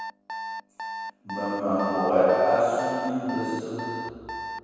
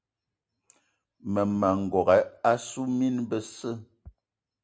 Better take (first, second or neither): second